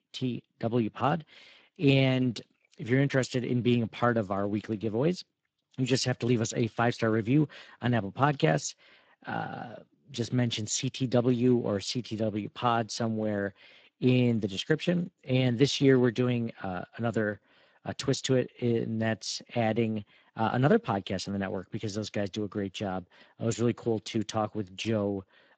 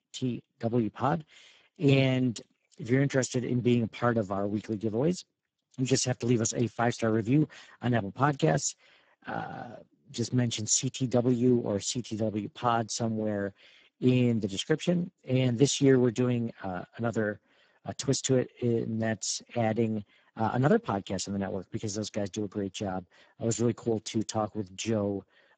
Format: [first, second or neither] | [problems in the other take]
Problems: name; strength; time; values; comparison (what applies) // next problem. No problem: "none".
first | garbled, watery; badly; nothing above 7.5 kHz; slightly in the first